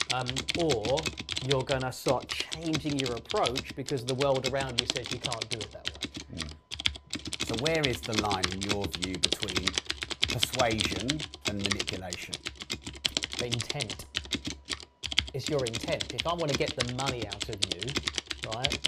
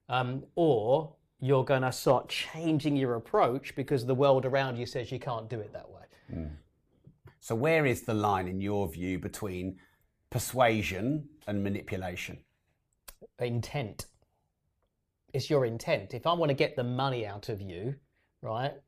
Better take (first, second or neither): second